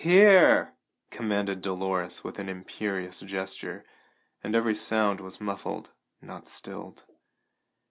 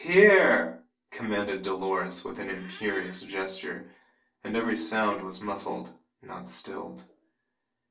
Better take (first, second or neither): first